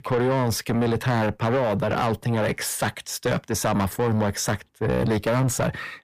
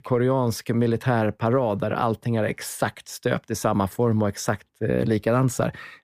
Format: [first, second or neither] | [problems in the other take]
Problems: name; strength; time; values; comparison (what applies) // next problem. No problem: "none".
second | distortion; heavy; 8 dB below the speech